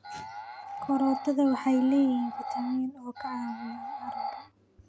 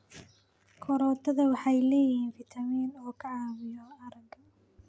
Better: second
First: background sound (Animal); 9 dB below the speech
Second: none

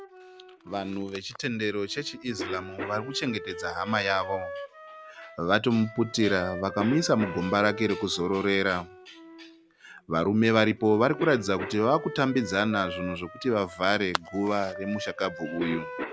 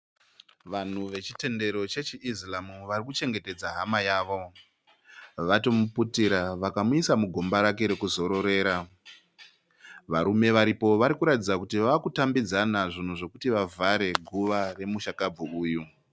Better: second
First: background sound (Wind instrument, woodwind instrument + Cough); 12 dB below the speech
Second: none

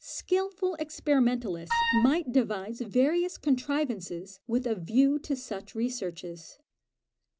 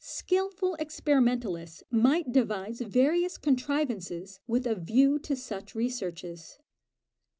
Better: second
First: background sound (Wind instrument, woodwind instrument); 1 dB below the speech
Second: none

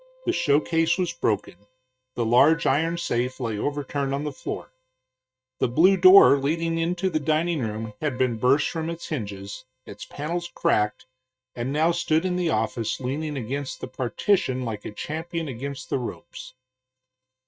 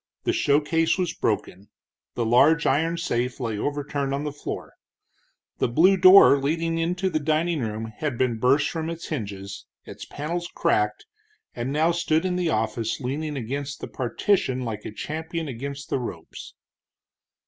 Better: second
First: noise reduction (neural mask model RNNoise)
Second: none

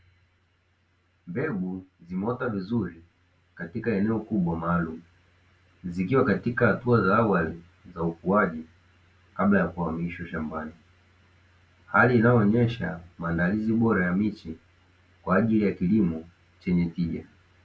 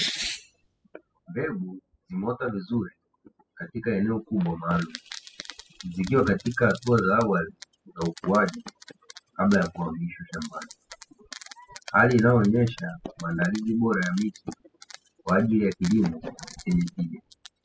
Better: first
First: none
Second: noise reduction (classical method spectral subtraction)

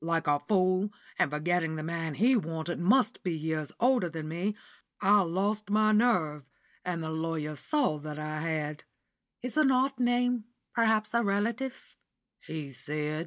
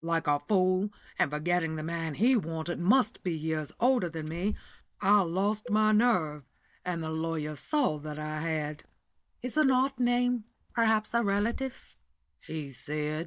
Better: first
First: none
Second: noise reduction (neural mask model DeepFilterNet 3)

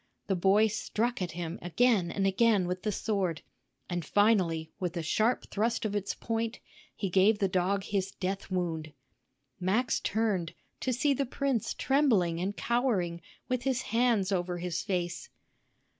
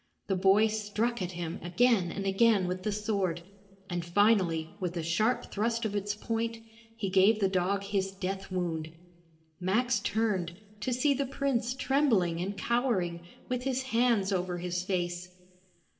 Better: first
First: none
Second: room echo; dies away in 2.2 s

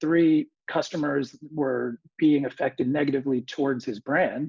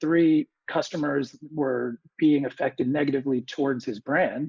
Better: first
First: none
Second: noise reduction (neural mask model Resemble Enhance denoiser)

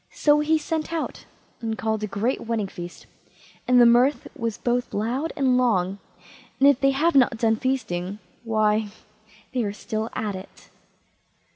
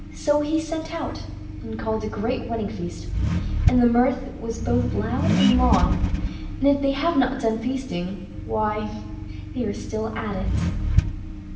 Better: first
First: none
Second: background sound (Accelerating, revving, vroom); 1 dB below the speech // room echo; dies away in 0.7 s

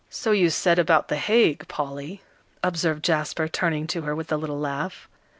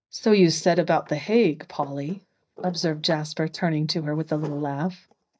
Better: first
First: none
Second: noise reduction (neural mask model DeepFilterNet 3)

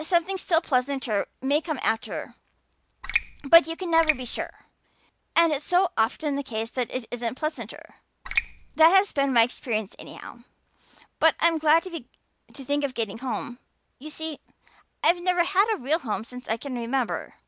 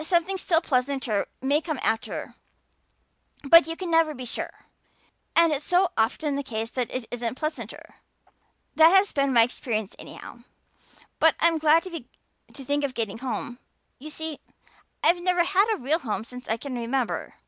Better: second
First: background sound (Raindrop); 5 dB below the speech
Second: none

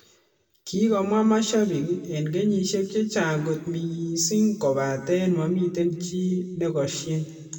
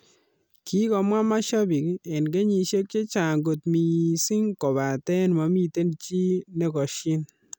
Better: second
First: room echo; dies away in 1.4 s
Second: none

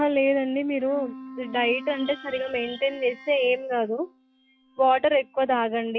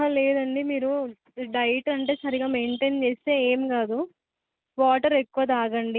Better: second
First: noise reduction (classical method log-MMSE)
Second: none

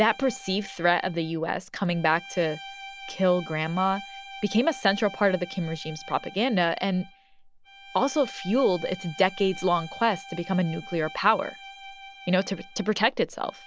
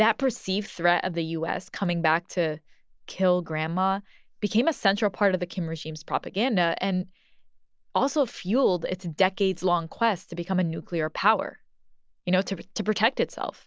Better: second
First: background sound (Bowed string instrument); 17 dB below the speech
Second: none

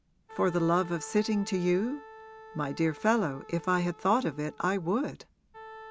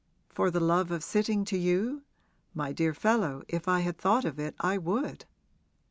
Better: second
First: background sound (Wind instrument, woodwind instrument); 19 dB below the speech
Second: none

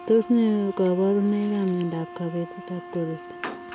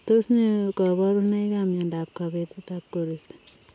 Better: second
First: background sound (Wind instrument, woodwind instrument + Chirp, tweet); 14 dB below the speech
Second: none

